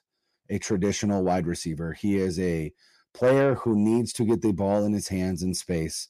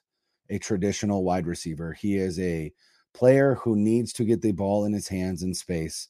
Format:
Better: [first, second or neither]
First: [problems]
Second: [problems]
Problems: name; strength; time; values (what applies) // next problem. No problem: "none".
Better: second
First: distortion; slight; 10 dB below the speech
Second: none